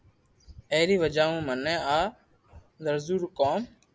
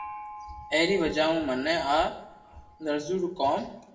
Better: first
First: none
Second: background sound (Gong); 18 dB below the speech // room echo; dies away in 0.7 s

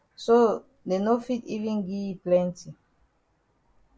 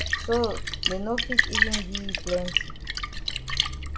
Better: first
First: none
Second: background sound (Splash, splatter); 4 dB above the speech

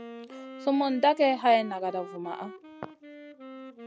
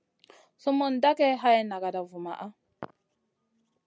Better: second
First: background sound (Wind instrument, woodwind instrument); 16 dB below the speech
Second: none

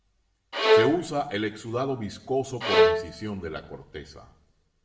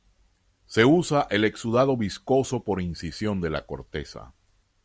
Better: second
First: background sound (Bowed string instrument); 5 dB above the speech // room echo; dies away in 0.6 s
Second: none

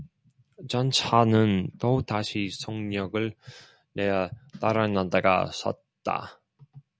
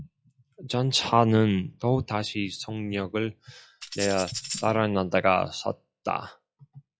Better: first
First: none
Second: noise reduction (classical method log-MMSE)

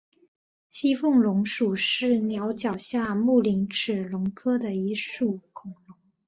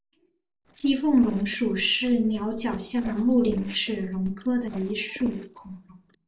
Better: first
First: none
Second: noise reduction (neural separator model SepFormer DNS4)

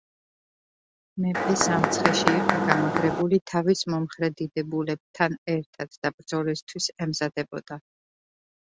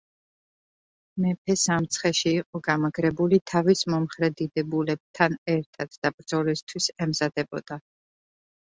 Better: second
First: background sound (Mechanisms); 4 dB above the speech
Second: none

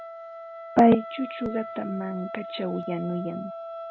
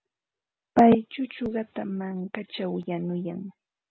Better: second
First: background sound (Wind instrument, woodwind instrument); 11 dB below the speech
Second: none

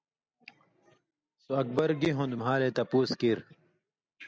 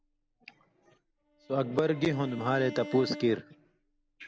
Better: first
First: none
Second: background sound (Bowed string instrument); 15 dB below the speech

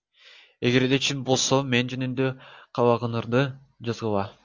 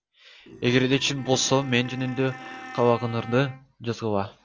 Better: first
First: none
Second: background sound (Burping, eructation + Wind instrument, woodwind instrument); 17 dB below the speech

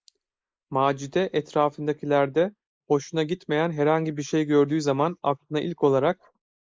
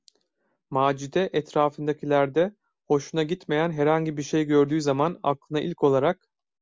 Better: second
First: noise reduction (neural mask model Resemble Enhance denoiser)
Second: none

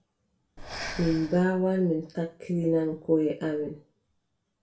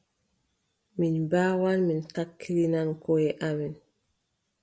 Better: second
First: background sound (Breathing); 13 dB below the speech // room echo; dies away in 0.3 s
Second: none

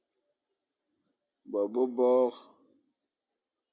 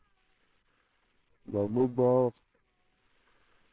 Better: first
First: none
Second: noise reduction (neural separator model SepFormer WHAMR!)

